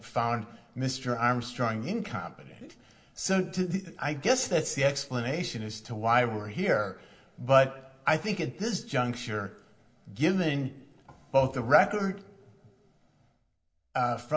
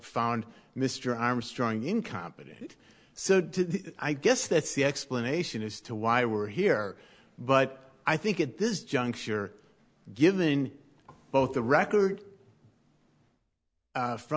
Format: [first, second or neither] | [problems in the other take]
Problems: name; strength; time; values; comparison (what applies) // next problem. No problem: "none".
second | room echo; dies away in 0.7 s